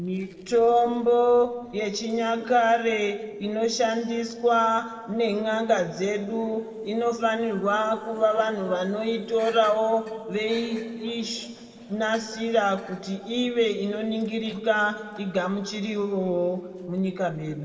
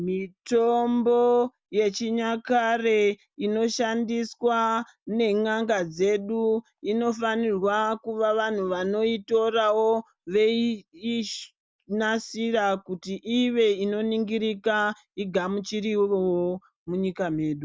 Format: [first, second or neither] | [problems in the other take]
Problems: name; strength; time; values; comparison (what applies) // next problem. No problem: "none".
second | noise reduction (neural separator model SepFormer DNS4)